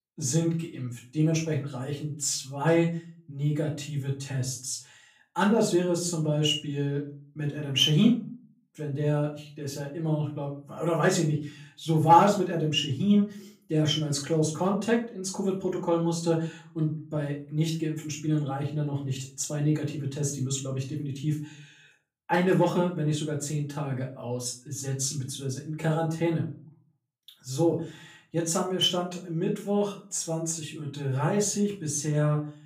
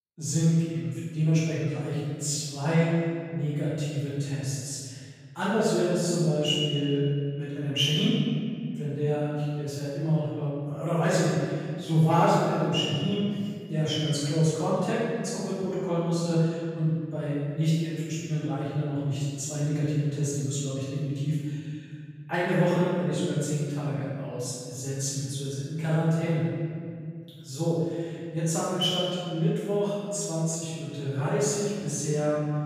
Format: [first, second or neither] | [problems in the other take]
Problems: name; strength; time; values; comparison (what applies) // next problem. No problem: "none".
first | room echo; strong; dies away in 2.2 s; slight in the first // off-mic speech; far; far in the first